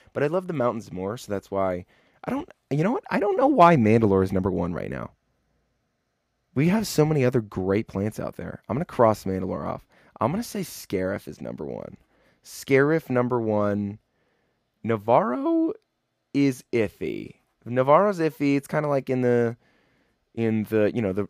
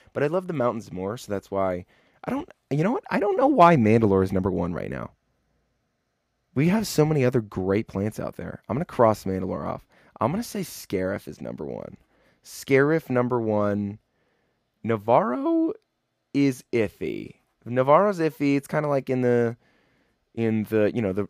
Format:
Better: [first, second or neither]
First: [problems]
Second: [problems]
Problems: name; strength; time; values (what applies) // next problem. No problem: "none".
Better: neither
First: none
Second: none